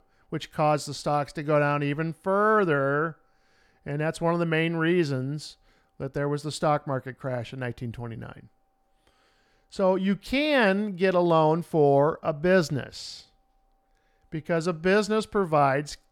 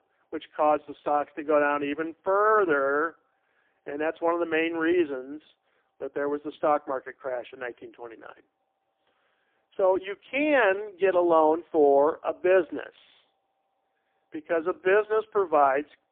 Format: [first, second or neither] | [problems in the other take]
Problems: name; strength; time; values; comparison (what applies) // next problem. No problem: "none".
first | phone-call audio; poor line